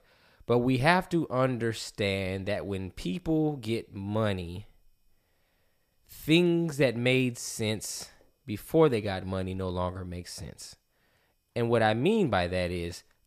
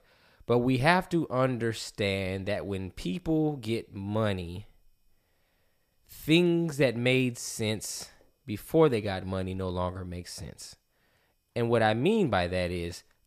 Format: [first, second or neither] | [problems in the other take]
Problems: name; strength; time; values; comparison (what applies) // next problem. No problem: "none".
neither | none